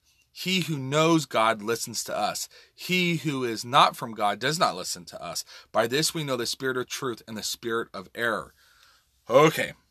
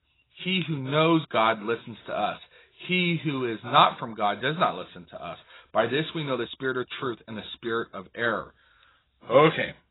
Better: first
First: none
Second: garbled, watery; badly; nothing above 4 kHz

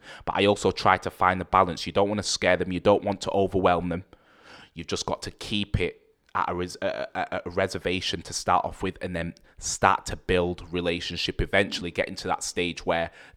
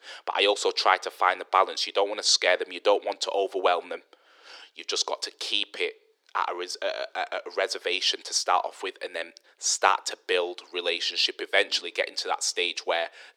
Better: first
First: none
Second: thin; very; fading below 350 Hz

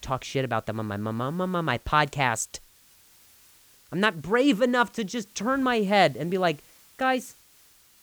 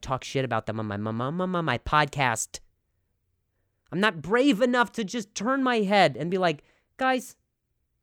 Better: second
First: hiss; faint; throughout; 25 dB below the speech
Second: none

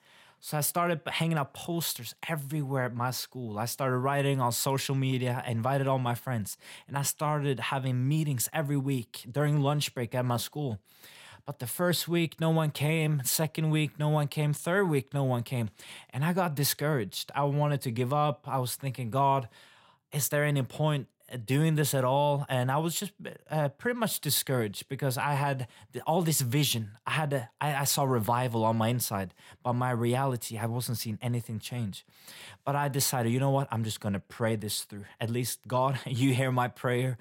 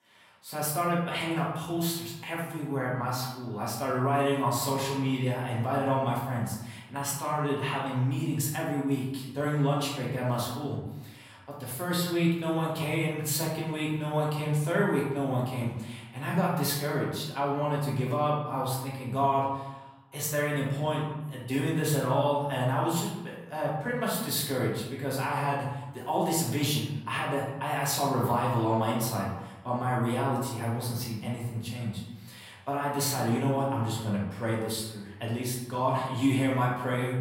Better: first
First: none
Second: room echo; noticeable; dies away in 0.9 s // off-mic speech; far

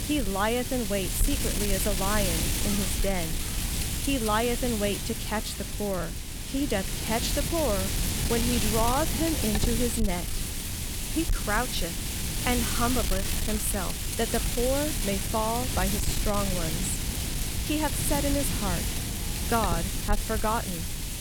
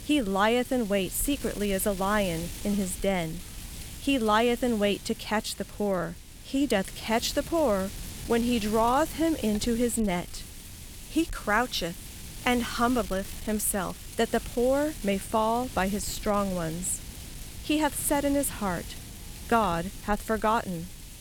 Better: second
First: wind noise on the microphone; heavy; 2 dB below the speech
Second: wind noise on the microphone; occasional gusts; 15 dB below the speech

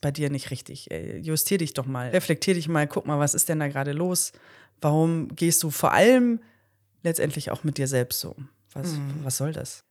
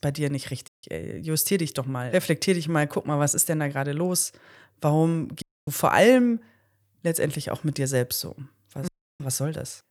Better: first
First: none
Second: audio cutting out; at 0.5 s, at 5.5 s and at 9 s

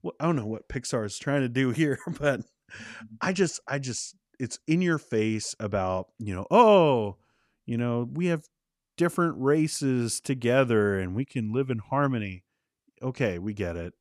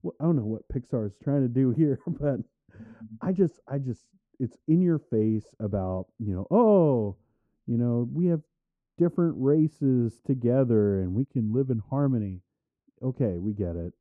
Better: first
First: none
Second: muffled; very; fading above 1 kHz

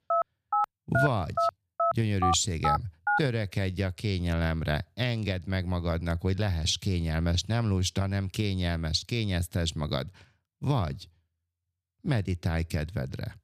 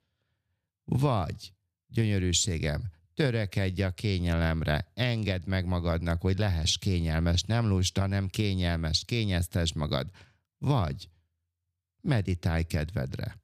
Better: second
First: phone ringing; loud; until 3 s; peak 1 dB above the speech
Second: none

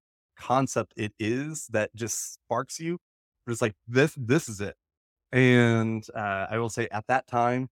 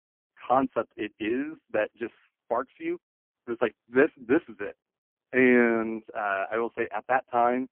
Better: first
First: none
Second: phone-call audio; poor line

